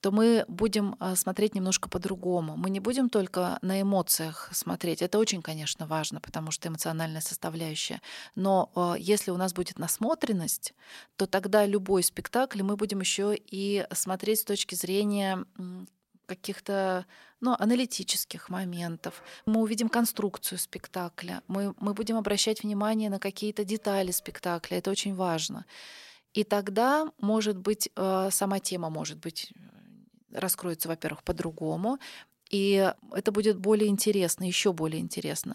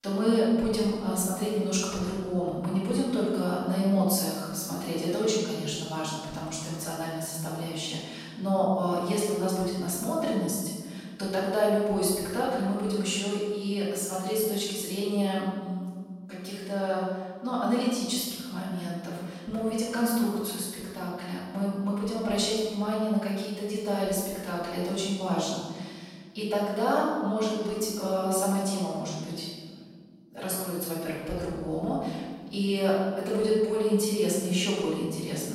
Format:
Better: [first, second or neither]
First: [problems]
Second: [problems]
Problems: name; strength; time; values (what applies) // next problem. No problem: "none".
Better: first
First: none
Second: off-mic speech; far // room echo; strong; dies away in 1.5 s